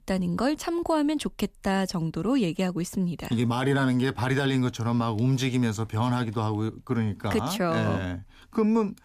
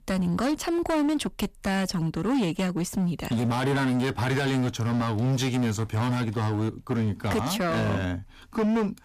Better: first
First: none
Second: distortion; slight; 18% of the sound clipped

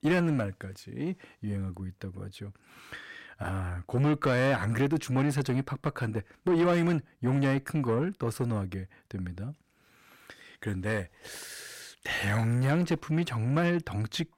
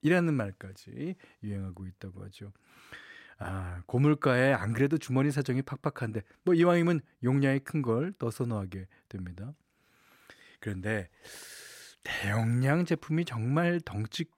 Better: second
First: distortion; slight; 10 dB below the speech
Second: none

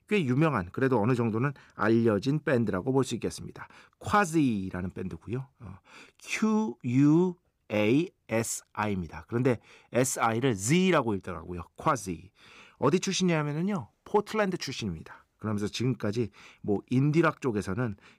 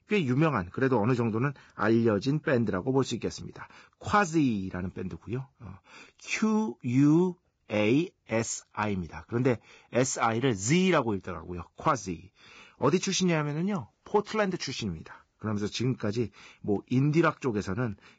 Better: first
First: none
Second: garbled, watery; badly; nothing above 7.5 kHz

